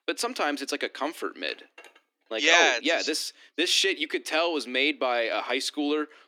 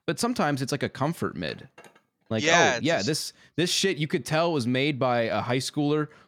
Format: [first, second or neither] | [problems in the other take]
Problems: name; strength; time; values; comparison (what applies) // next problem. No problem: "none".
second | thin; very slightly; fading below 300 Hz